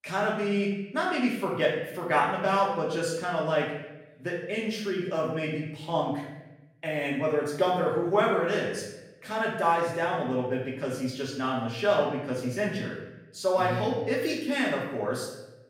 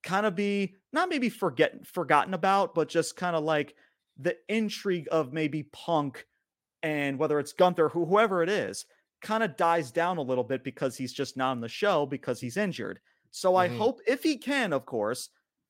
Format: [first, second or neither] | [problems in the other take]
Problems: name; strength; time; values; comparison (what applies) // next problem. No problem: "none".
second | room echo; noticeable; dies away in 0.8 s // off-mic speech; far